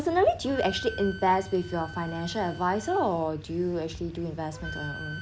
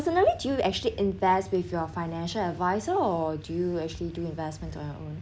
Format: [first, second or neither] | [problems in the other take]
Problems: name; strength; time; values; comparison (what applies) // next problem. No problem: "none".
second | background sound (Wind instrument, woodwind instrument); 15 dB below the speech